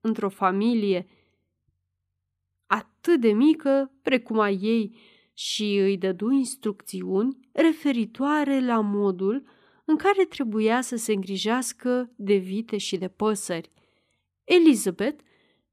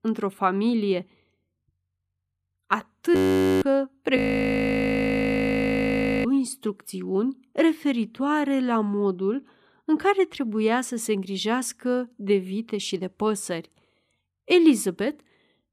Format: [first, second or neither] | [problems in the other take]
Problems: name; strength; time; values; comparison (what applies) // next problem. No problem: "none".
first | audio freezing; at 3 s and at 4 s for 2 s